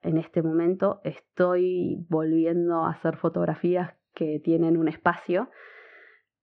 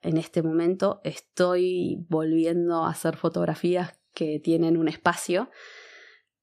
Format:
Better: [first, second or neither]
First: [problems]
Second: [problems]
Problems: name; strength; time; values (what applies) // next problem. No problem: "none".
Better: second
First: muffled; very; fading above 2 kHz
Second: none